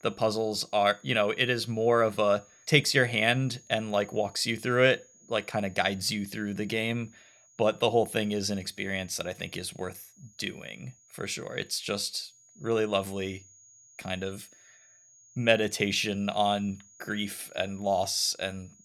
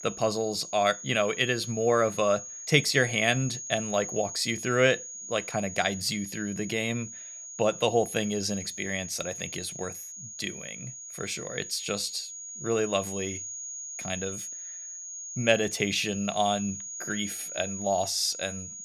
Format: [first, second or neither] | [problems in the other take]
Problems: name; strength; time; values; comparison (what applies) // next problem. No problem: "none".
first | high-pitched whine; loud; throughout; 6.5 kHz, 9 dB below the speech; faint in the first